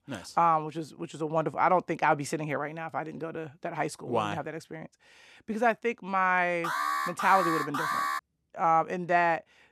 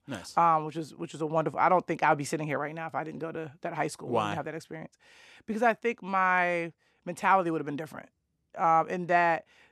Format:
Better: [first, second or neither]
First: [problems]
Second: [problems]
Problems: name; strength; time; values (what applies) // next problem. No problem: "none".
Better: second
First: alarm; noticeable; from 6.5 to 8 s; peak level with the speech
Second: none